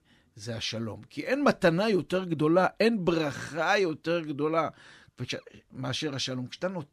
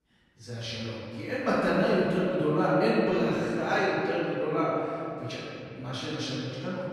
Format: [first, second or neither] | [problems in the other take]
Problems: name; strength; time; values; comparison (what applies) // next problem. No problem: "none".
first | room echo; strong; dies away in 2.6 s // off-mic speech; far